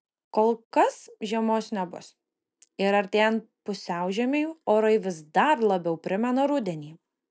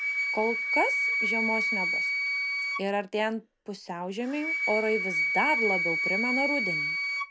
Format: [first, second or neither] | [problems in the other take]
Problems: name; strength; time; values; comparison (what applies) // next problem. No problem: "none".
first | background sound (Wind instrument, woodwind instrument); 2 dB above the speech